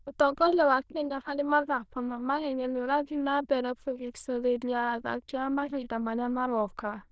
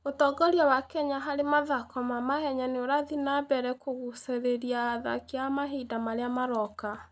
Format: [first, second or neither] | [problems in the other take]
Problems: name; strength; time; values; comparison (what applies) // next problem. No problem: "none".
second | noise reduction (neural diffusion model UNIVERSE++)